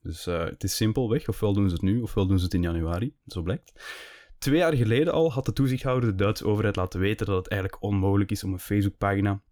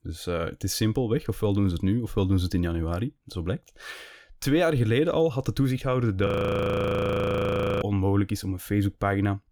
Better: first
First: none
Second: audio freezing; at 6.5 s for 1.5 s

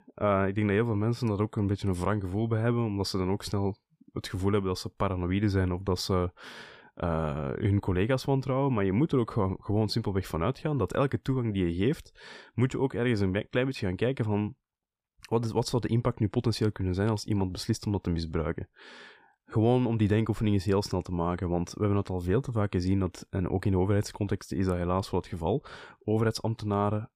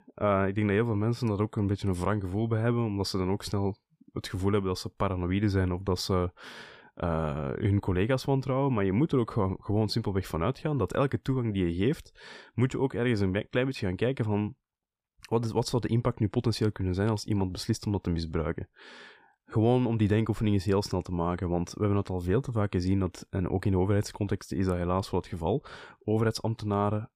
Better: neither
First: none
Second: none

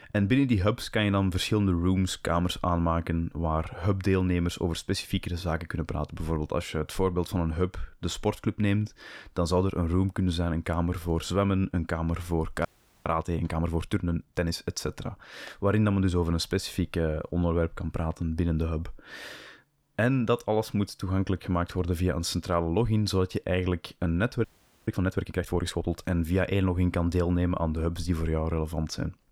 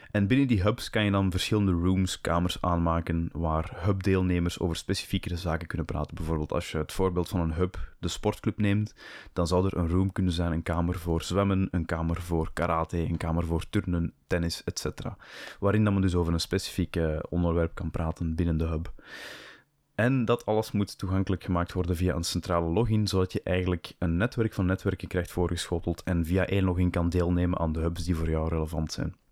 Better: second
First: audio freezing; at 13 s and at 24 s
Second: none

